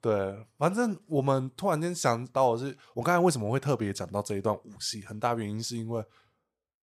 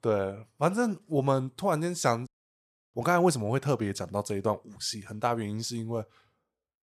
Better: first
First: none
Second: audio cutting out; at 2.5 s for 0.5 s

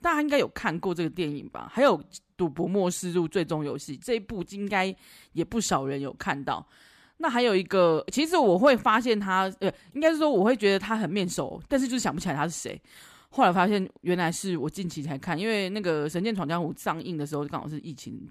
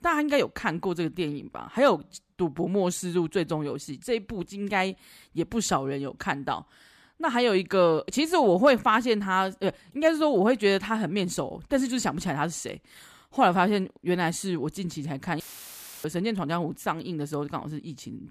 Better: first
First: none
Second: audio cutting out; filled with static; at 15 s for 0.5 s

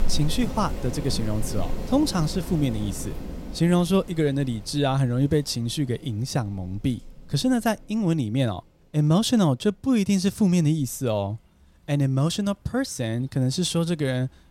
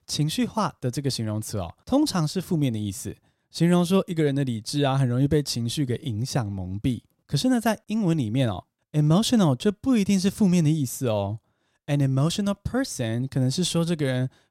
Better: second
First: rain or running water; noticeable; throughout; 10 dB below the speech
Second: none

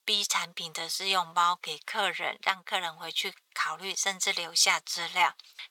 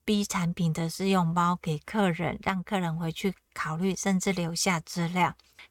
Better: second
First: thin; very; fading below 850 Hz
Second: none

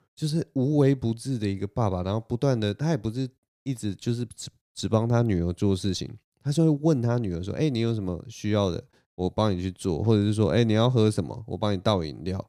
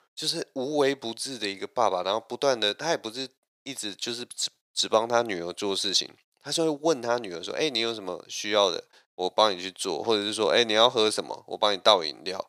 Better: first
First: none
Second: thin; very; fading below 650 Hz

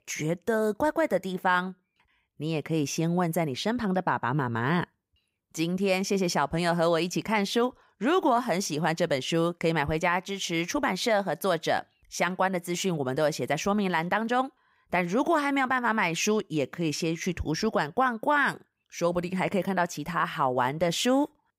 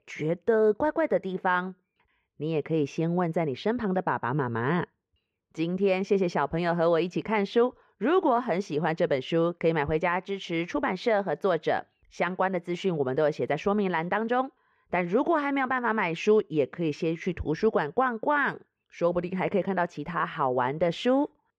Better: first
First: none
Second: muffled; slightly; fading above 2.5 kHz

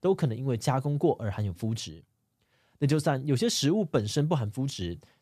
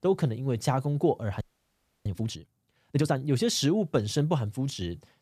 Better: first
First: none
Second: audio freezing; at 1.5 s for 0.5 s

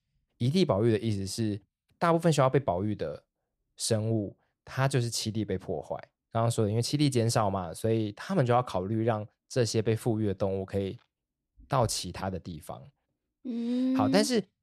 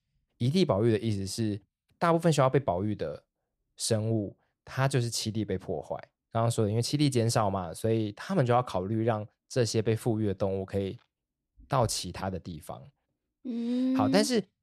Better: neither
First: none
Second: none

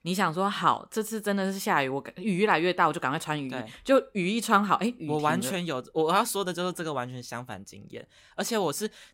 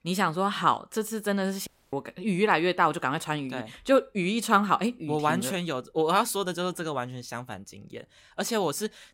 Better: first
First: none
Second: audio cutting out; at 1.5 s

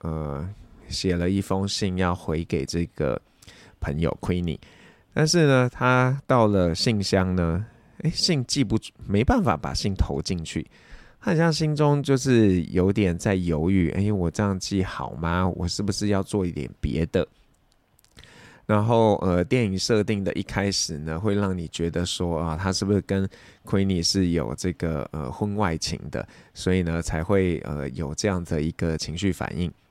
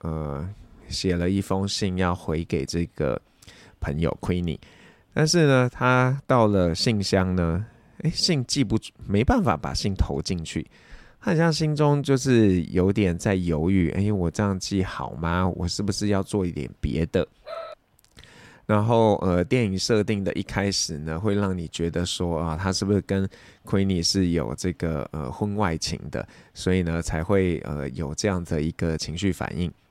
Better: first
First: none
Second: dog barking; faint; at 17 s; peak 10 dB below the speech

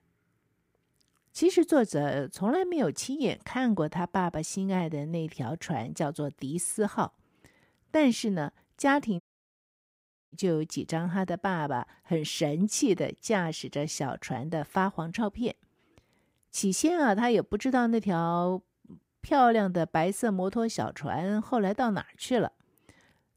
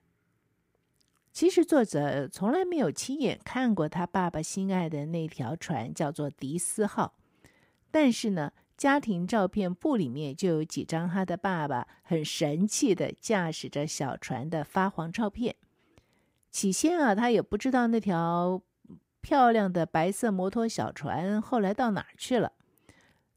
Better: second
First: audio cutting out; at 9 s for 1 s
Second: none

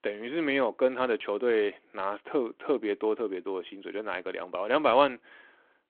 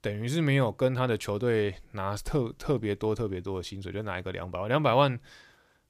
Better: second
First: phone-call audio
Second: none

